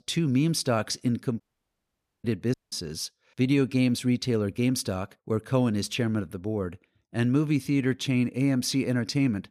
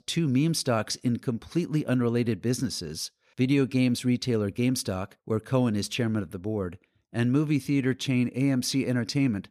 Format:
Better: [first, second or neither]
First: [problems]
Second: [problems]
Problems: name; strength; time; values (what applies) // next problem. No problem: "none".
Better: second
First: audio cutting out; at 1.5 s for 1 s and at 2.5 s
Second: none